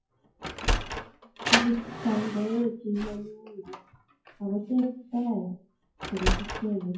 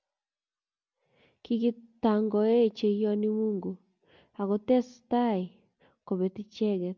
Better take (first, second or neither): second